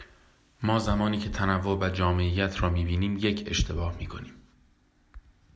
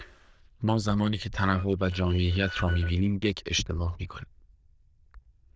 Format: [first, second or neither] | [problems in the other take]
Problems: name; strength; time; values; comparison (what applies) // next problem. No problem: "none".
first | noise reduction (neural diffusion model UNIVERSE++)